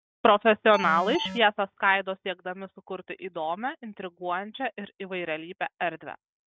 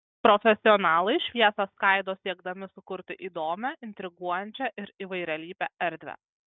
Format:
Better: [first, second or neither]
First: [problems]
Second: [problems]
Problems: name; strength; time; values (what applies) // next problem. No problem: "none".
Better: second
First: background sound (Alarm); 7 dB below the speech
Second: none